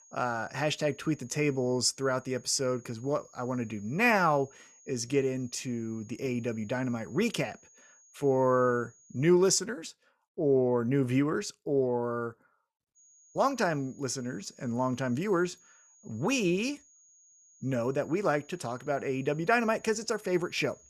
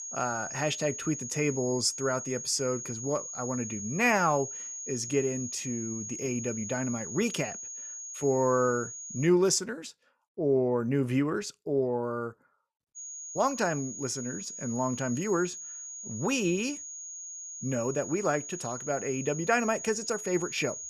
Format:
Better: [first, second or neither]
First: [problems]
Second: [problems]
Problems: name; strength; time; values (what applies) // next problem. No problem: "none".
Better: first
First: high-pitched whine; faint; until 9.5 s and from 13 s on; 6.5 kHz, 25 dB below the speech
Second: high-pitched whine; loud; until 9.5 s and from 13 s on; 6.5 kHz, 7 dB below the speech